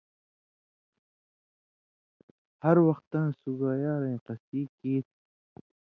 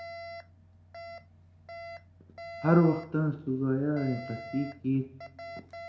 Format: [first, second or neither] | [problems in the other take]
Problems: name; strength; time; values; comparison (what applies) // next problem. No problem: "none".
first | background sound (Alarm); 14 dB below the speech // room echo; dies away in 0.8 s